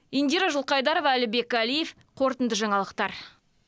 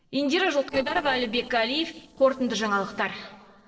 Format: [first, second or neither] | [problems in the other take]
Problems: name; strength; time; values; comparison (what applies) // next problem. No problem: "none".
first | noise reduction (neural separator model SepFormer DNS4)